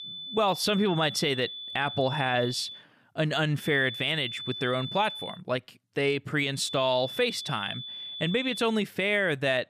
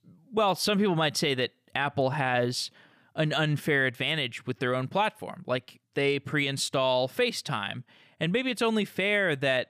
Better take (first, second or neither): second